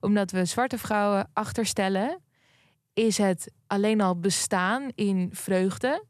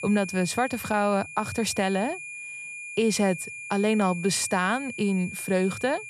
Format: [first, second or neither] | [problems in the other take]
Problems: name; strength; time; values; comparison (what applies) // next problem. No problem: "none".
first | high-pitched whine; noticeable; throughout; 2.5 kHz, 10 dB below the speech